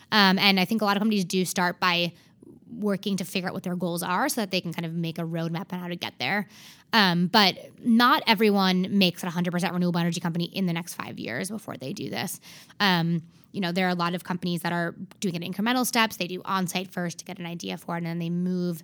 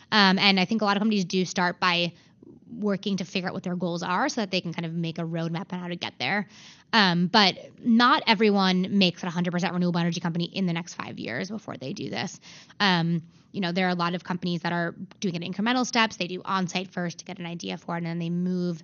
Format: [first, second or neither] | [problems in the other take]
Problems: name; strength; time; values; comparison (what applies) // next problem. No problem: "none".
first | garbled, watery; slightly; nothing above 6.5 kHz